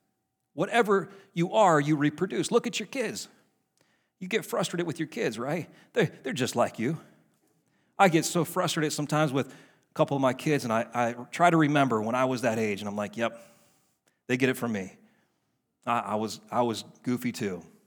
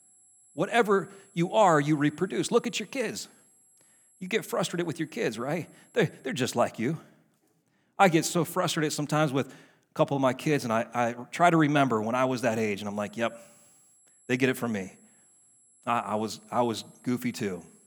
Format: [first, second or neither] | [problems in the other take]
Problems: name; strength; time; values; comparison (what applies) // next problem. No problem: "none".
first | high-pitched whine; faint; until 6.5 s and from 13 s on; 11 kHz, 30 dB below the speech